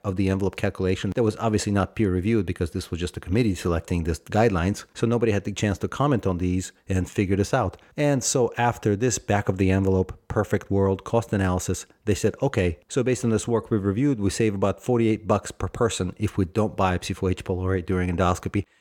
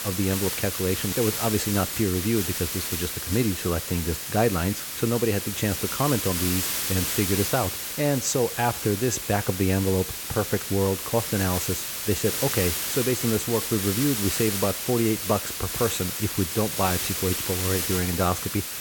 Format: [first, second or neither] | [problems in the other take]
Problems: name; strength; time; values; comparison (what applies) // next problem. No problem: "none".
first | hiss; loud; throughout; 2 dB below the speech